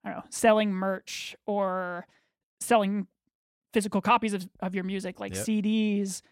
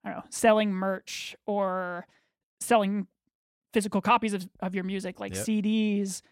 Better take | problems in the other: neither | none

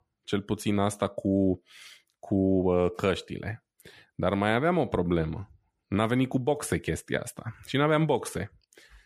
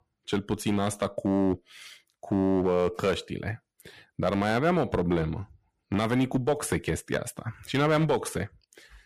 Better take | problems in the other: first | distortion; slight; 3% of the sound clipped

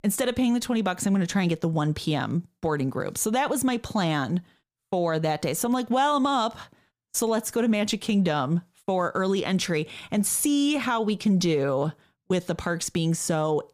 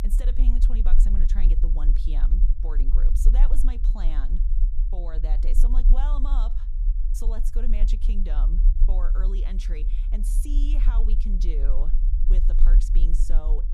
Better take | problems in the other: first | low rumble; loud; throughout; 6 dB below the speech

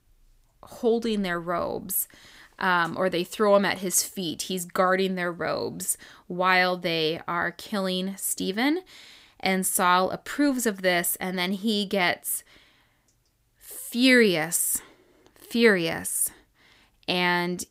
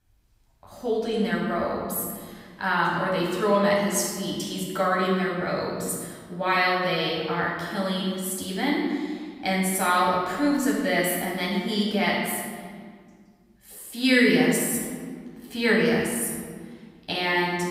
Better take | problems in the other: first | off-mic speech; far // room echo; noticeable; dies away in 1.7 s

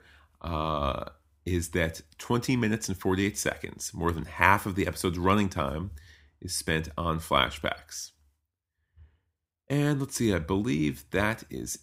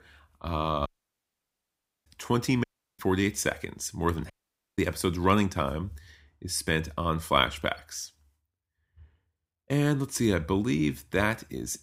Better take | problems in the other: first | audio cutting out; at 1 s for 1 s, at 2.5 s and at 4.5 s

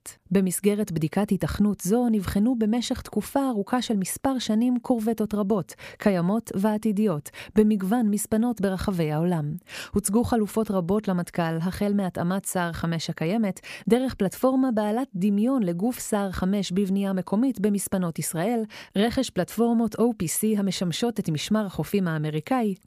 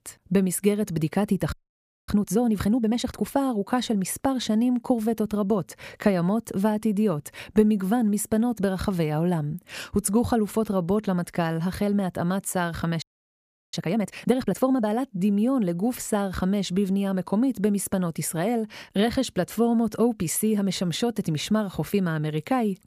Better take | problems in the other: first | audio freezing; at 1.5 s for 0.5 s and at 13 s for 0.5 s

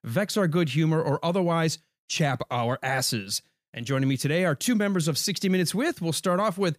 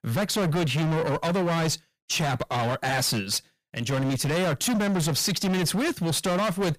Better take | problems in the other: first | distortion; heavy; 34% of the sound clipped

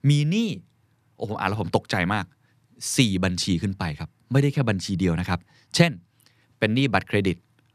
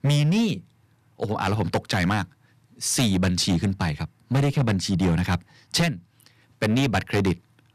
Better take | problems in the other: first | distortion; heavy; 10% of the sound clipped

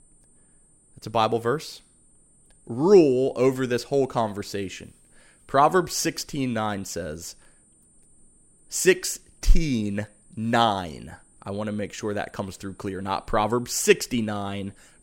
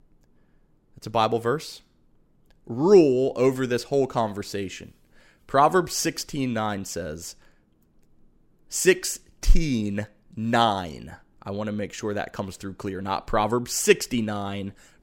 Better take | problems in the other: second | high-pitched whine; faint; throughout; 9 kHz, 30 dB below the speech

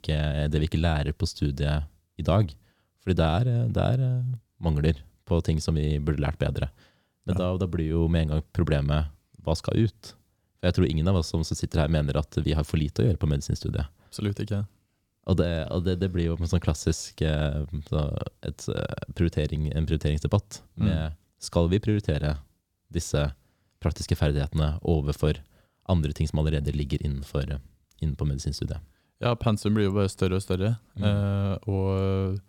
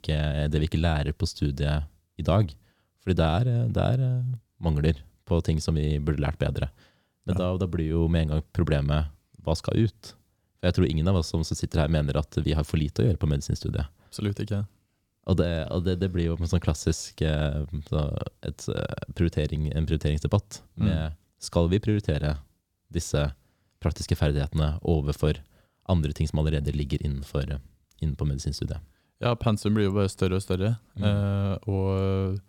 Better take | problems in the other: neither | none

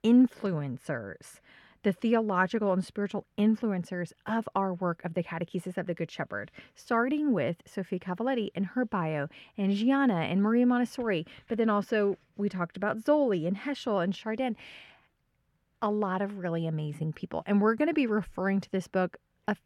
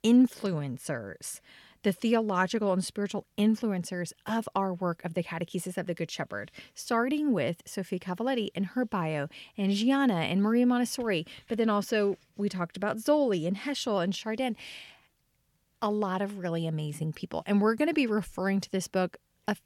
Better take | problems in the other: second | muffled; slightly; fading above 3.5 kHz

